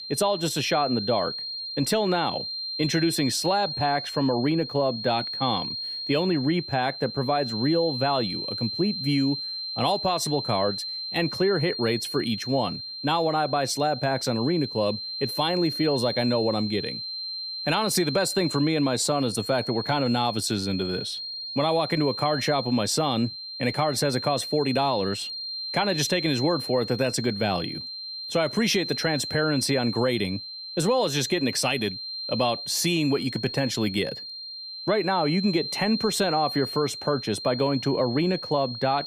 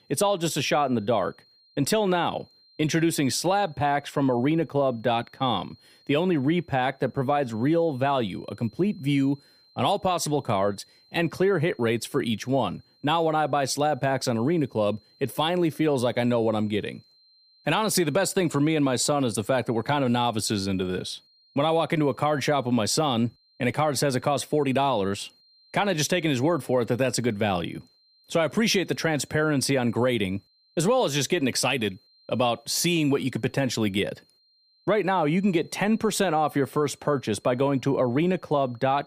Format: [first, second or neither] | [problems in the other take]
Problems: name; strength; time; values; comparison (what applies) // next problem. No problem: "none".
second | high-pitched whine; loud; throughout; 4 kHz, 6 dB below the speech; faint in the second